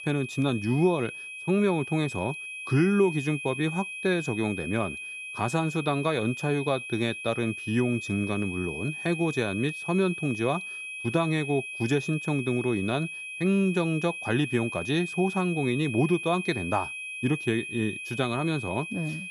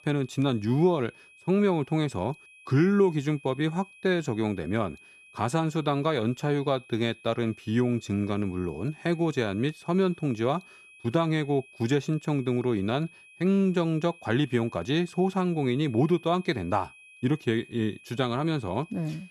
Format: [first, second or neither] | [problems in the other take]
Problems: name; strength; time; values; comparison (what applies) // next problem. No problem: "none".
second | high-pitched whine; loud; throughout; 2.5 kHz, 7 dB below the speech; faint in the second